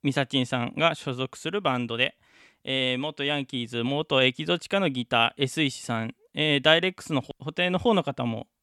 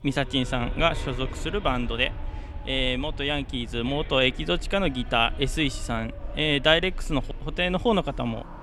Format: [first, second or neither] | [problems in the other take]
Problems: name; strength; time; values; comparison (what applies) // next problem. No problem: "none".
first | traffic noise; noticeable; throughout; 15 dB below the speech